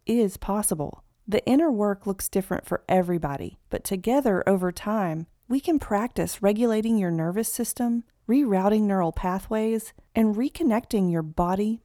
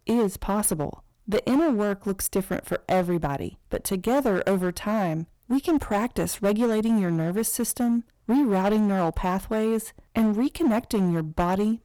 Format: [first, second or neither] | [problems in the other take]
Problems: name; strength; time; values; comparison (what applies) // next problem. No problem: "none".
first | distortion; slight; 10% of the sound clipped